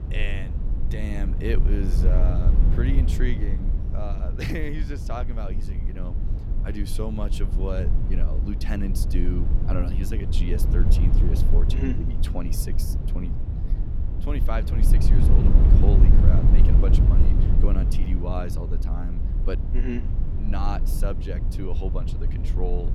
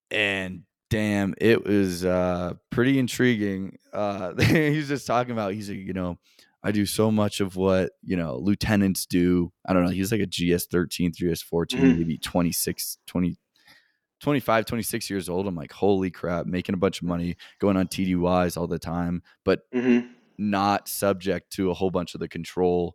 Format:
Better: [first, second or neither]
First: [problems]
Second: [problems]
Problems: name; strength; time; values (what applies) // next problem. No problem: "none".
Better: second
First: low rumble; loud; throughout; 3 dB below the speech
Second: none